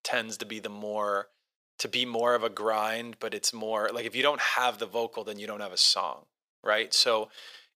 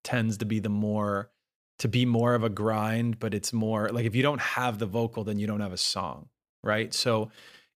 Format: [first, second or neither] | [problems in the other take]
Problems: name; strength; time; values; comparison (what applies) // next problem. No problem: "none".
second | thin; very; fading below 600 Hz